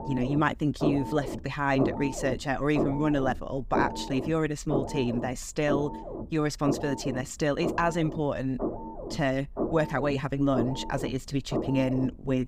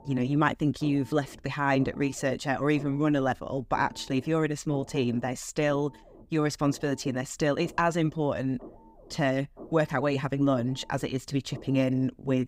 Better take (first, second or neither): second